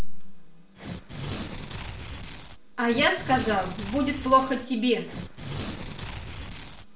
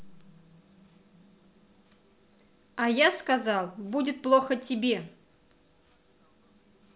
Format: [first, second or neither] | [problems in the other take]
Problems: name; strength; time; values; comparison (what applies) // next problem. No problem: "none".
second | background sound (Tearing); 9 dB below the speech // room echo; dies away in 0.4 s